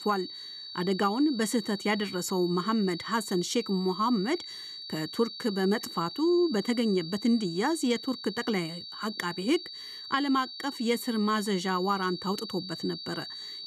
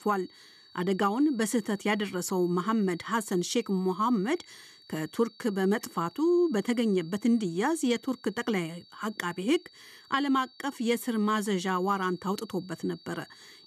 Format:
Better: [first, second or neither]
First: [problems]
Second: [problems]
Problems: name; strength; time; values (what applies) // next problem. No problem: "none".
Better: second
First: high-pitched whine; loud; throughout; 4.5 kHz, 10 dB below the speech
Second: high-pitched whine; faint; throughout; 4.5 kHz, 25 dB below the speech